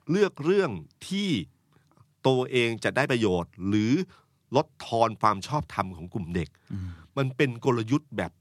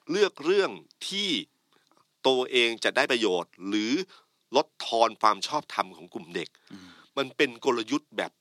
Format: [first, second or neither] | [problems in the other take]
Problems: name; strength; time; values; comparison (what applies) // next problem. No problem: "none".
first | thin; somewhat; fading below 300 Hz